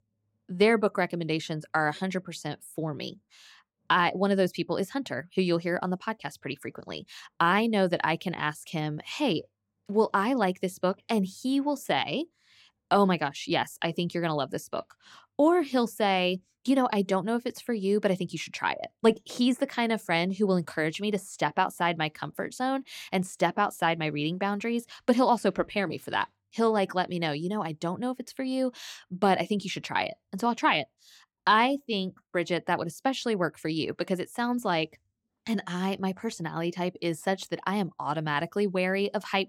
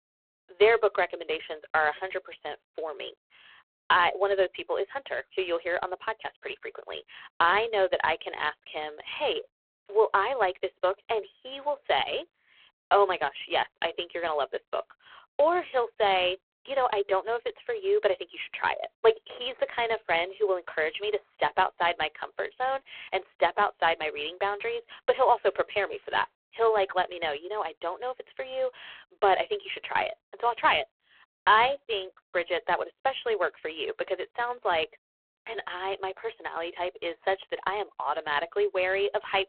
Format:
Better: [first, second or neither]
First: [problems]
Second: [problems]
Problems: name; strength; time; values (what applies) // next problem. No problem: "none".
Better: first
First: none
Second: phone-call audio; poor line